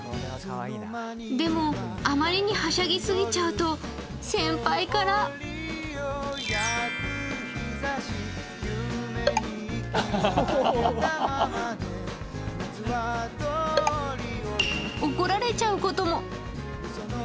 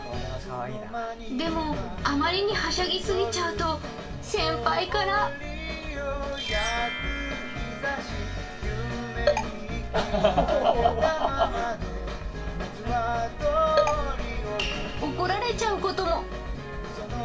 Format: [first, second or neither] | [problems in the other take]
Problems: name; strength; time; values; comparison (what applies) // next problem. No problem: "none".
first | background sound (Train); 14 dB below the speech // room echo; dies away in 0.2 s